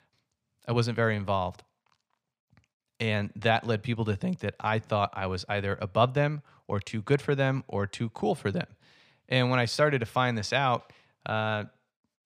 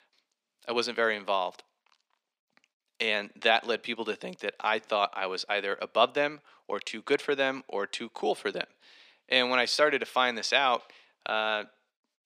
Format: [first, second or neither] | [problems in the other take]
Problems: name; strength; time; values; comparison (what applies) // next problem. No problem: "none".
first | thin; somewhat; fading below 300 Hz